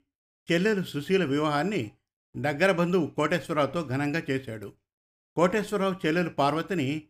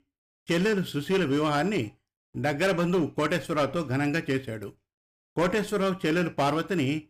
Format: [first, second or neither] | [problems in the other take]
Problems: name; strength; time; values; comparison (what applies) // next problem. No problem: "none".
first | distortion; slight; 8% of the sound clipped